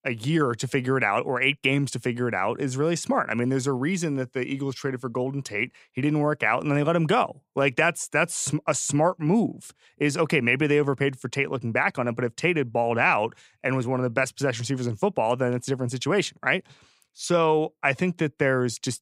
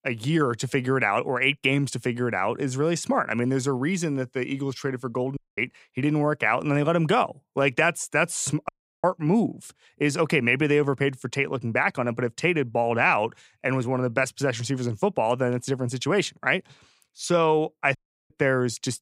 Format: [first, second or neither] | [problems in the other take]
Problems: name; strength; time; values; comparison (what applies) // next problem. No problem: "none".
first | audio cutting out; at 5.5 s, at 8.5 s and at 18 s